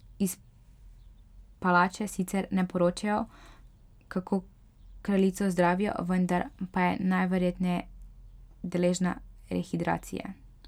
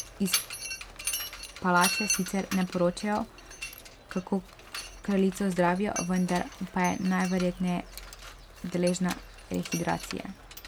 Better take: first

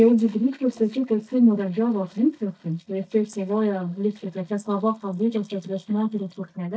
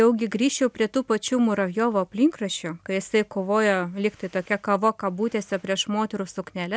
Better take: second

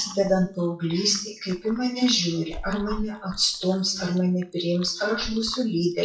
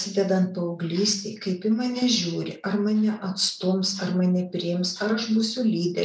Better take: second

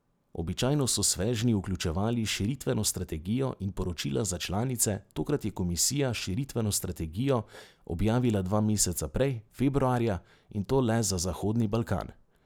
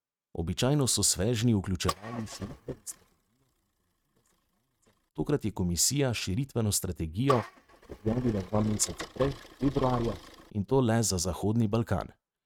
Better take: first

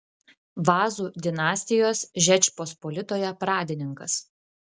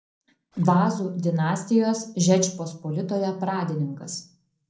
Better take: first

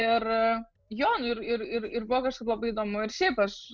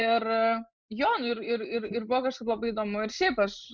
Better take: first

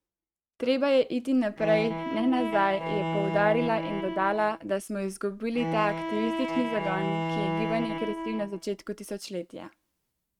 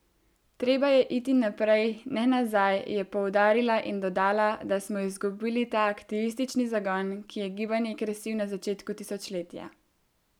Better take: second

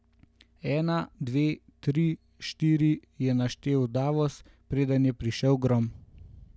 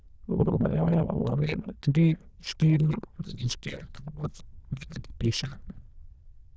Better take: first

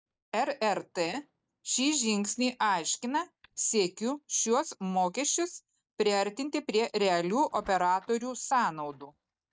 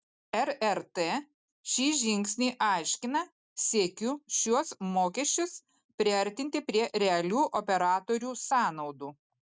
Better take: second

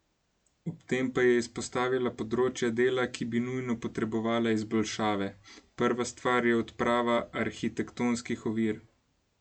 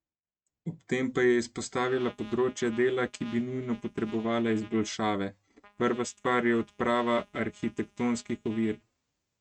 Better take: first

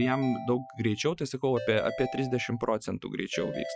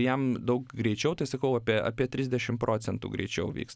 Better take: second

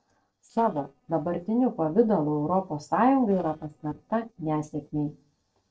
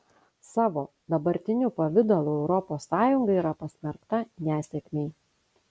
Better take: second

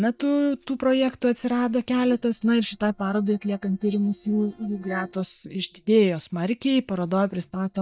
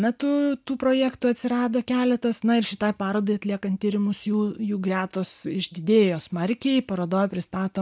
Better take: second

